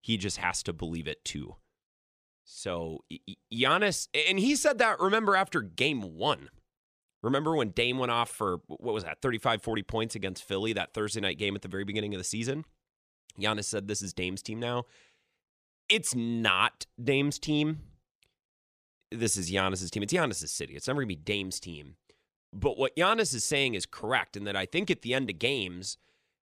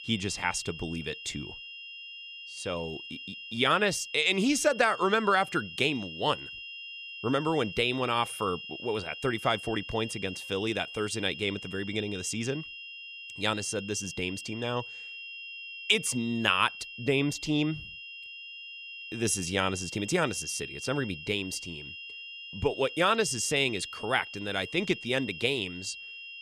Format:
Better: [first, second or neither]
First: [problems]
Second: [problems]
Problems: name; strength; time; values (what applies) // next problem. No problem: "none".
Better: first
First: none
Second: high-pitched whine; noticeable; throughout; 3 kHz, 10 dB below the speech